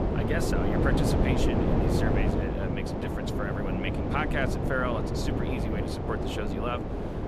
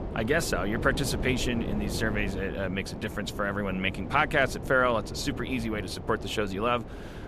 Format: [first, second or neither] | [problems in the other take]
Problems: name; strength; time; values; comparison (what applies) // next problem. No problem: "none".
second | wind noise on the microphone; heavy; 1 dB above the speech; occasional gusts in the second